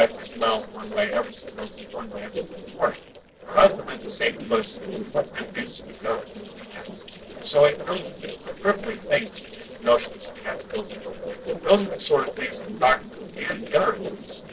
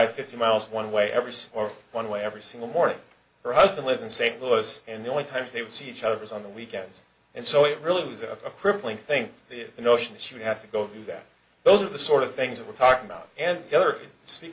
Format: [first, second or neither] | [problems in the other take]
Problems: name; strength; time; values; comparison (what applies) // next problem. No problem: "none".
second | noise reduction (neural separator model SepFormer DNS4)